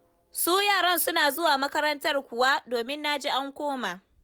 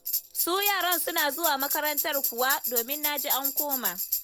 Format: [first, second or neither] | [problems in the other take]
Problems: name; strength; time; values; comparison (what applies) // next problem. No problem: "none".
first | background sound (Tambourine); 1 dB below the speech